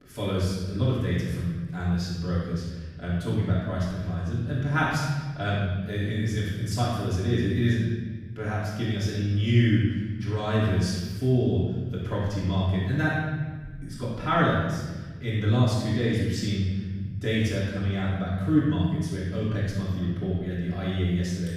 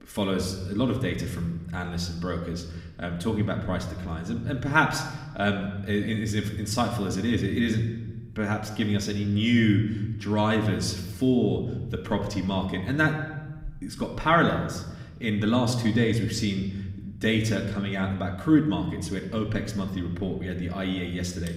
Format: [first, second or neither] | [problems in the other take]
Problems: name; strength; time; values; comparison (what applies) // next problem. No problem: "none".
second | room echo; strong; dies away in 1.4 s; slight in the second // off-mic speech; far; somewhat distant in the second